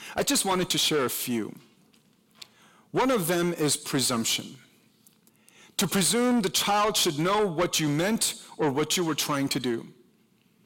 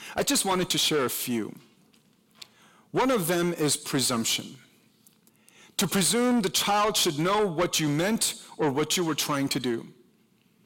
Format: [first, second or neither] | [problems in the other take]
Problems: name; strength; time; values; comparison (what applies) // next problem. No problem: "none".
neither | distortion; heavy; 8 dB below the speech; the same in both